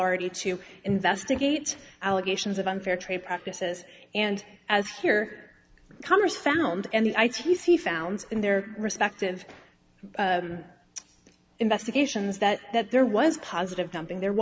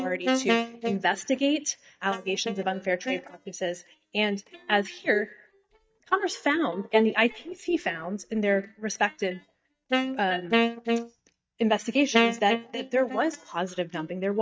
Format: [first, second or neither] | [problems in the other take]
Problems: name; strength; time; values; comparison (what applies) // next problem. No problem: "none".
first | noise reduction (neural mask model DeepFilterNet 3)